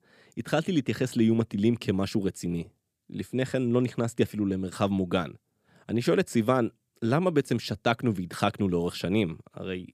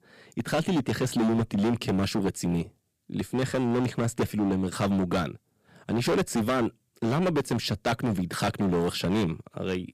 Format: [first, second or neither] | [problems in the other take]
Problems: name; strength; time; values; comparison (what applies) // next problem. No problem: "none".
first | distortion; heavy; 15% of the sound clipped